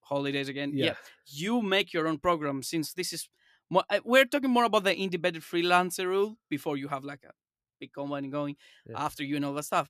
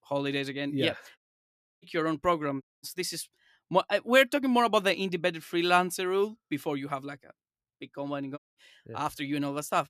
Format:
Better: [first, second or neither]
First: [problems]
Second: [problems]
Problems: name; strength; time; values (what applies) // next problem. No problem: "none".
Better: first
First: none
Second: audio cutting out; at 1 s for 0.5 s, at 2.5 s and at 8.5 s